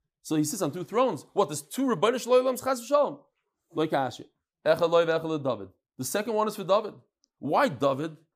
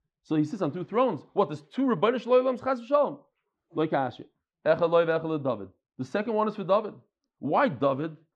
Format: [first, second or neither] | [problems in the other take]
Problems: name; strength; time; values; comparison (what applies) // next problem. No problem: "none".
first | muffled; very; fading above 3 kHz